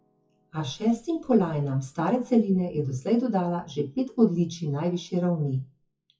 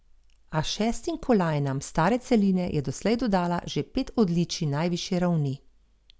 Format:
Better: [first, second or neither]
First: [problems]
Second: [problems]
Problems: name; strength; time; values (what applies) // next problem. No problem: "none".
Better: second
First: noise reduction (classical method WPE with log-MMSE)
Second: none